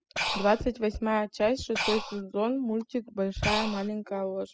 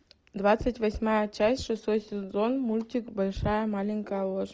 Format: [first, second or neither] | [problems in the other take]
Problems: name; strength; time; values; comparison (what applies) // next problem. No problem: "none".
second | noise reduction (classical method spectral subtraction)